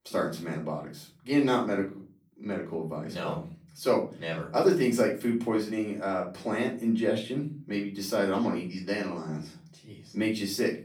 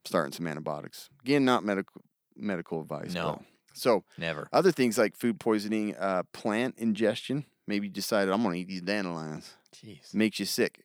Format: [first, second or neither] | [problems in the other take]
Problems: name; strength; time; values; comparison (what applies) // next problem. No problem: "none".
second | off-mic speech; far // room echo; slight; dies away in 0.4 s